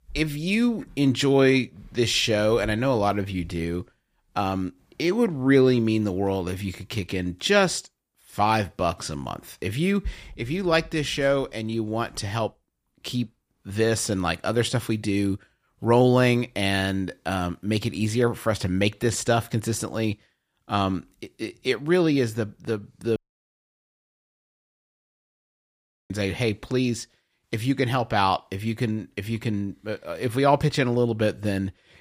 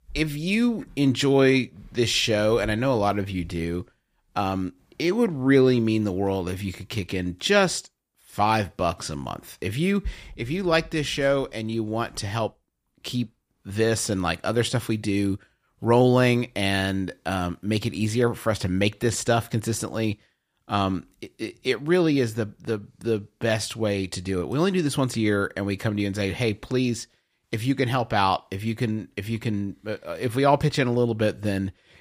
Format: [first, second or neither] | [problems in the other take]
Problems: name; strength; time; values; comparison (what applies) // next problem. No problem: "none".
second | audio cutting out; at 23 s for 3 s